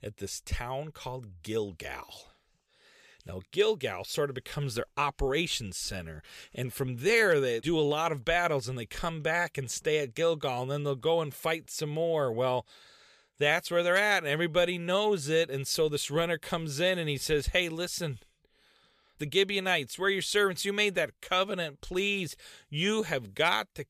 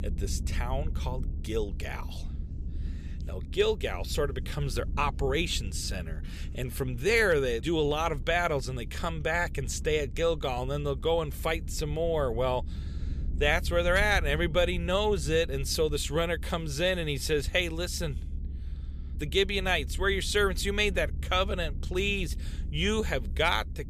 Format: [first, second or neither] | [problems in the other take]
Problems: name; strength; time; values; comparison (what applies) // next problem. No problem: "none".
first | low rumble; faint; throughout; 25 dB below the speech